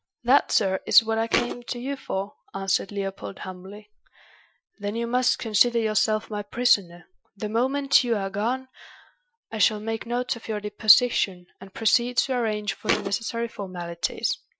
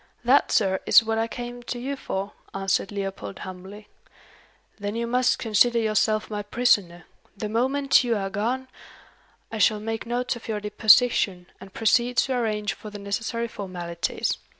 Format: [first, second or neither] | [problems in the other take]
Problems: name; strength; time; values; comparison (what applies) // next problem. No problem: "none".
second | noise reduction (classical method Wiener filter)